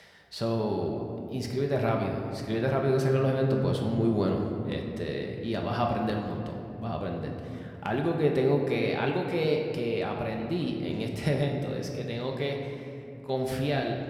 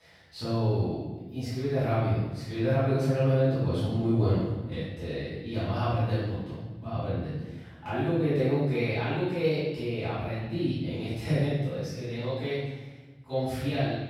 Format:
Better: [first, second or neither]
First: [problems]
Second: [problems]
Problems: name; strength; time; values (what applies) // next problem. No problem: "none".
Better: first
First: room echo; slight; dies away in 2.2 s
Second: room echo; strong; dies away in 1.1 s // off-mic speech; far